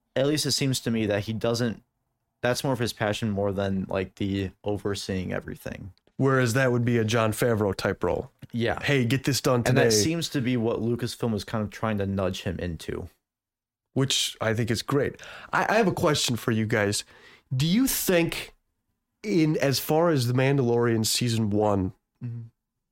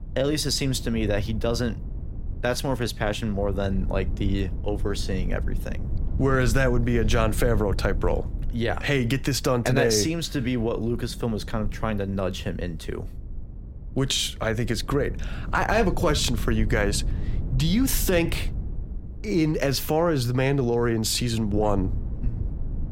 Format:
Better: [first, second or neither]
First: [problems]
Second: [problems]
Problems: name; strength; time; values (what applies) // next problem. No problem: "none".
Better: first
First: none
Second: low rumble; faint; throughout; 20 dB below the speech